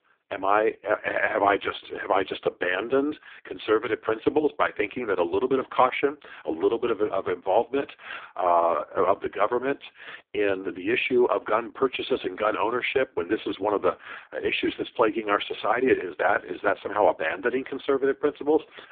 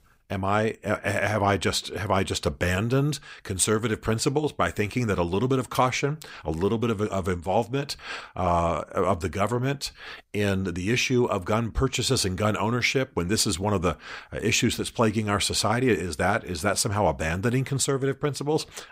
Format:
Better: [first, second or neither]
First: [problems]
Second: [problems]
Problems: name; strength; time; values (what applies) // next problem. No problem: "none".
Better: second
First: phone-call audio; poor line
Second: none